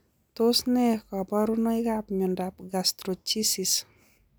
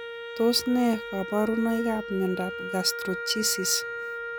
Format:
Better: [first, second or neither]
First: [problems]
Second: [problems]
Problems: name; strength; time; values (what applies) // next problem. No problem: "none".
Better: first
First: none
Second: background sound (Wind instrument, woodwind instrument); 8 dB below the speech